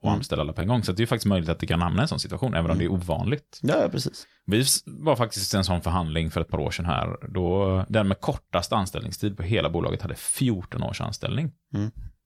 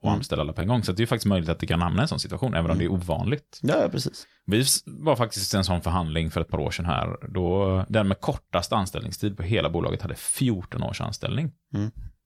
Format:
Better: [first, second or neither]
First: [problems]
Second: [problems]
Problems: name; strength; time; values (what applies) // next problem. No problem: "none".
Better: neither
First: none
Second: none